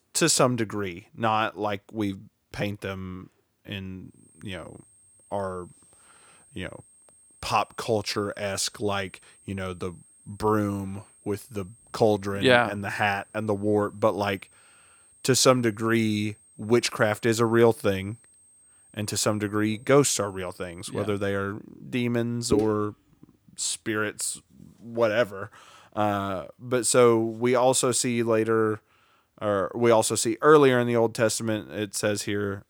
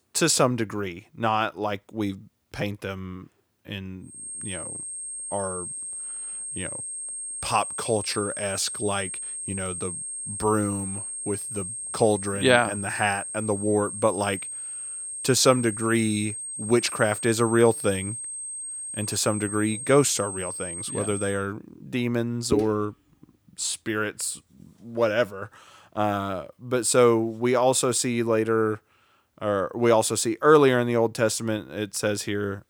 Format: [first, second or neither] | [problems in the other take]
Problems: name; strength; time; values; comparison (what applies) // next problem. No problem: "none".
first | high-pitched whine; loud; from 4 to 21 s; 8.5 kHz, 7 dB below the speech; faint in the first